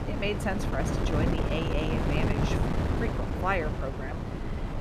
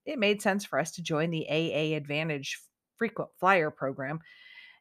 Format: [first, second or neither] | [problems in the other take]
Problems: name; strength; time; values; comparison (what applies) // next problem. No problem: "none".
second | wind noise on the microphone; heavy; 1 dB below the speech